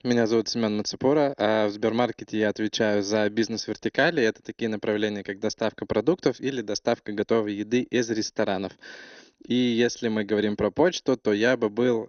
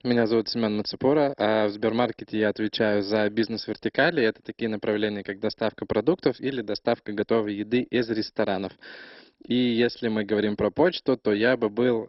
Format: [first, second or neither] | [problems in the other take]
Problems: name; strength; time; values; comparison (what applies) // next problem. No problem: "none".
first | garbled, watery; badly; nothing above 5.5 kHz; slightly in the first